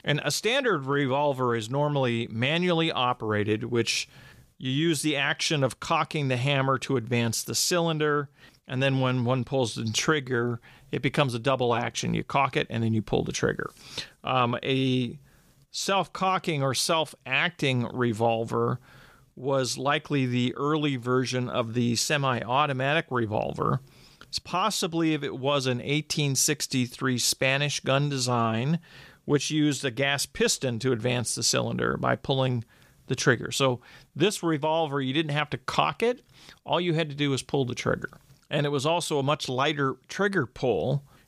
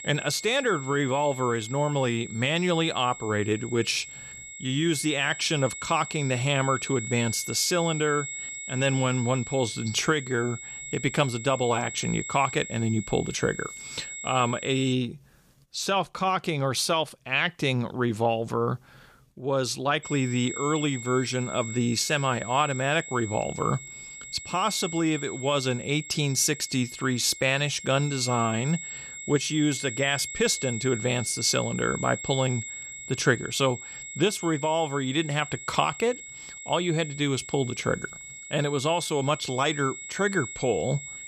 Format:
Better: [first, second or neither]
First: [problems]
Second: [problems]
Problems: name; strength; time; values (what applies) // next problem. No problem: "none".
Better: first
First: none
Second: high-pitched whine; noticeable; until 15 s and from 20 s on; 2 kHz, 10 dB below the speech